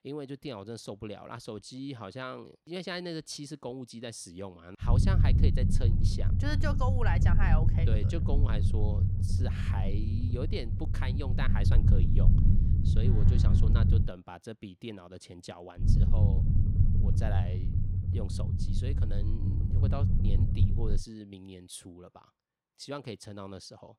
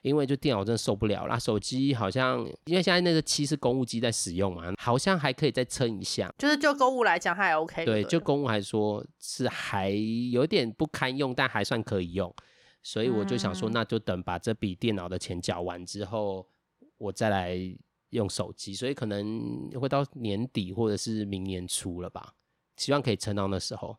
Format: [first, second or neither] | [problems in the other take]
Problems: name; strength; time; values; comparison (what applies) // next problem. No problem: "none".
second | low rumble; loud; from 5 to 14 s and from 16 to 21 s; 1 dB below the speech